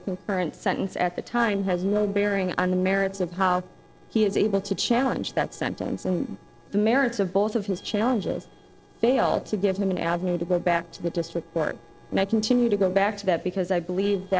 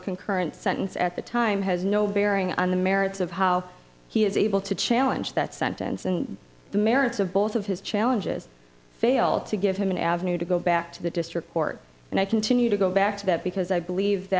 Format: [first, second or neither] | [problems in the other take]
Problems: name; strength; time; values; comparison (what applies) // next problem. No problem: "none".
second | noise reduction (neural separator model SepFormer DNS4)